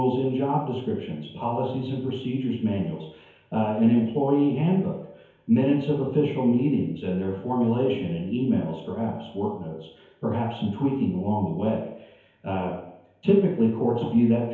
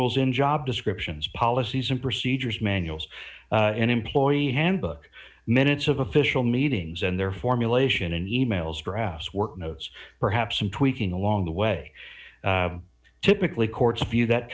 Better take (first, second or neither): second